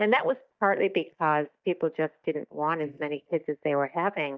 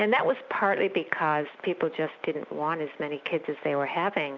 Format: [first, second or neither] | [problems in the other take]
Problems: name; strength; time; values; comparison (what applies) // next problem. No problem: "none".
second | noise reduction (neural mask model DeepFilterNet 3)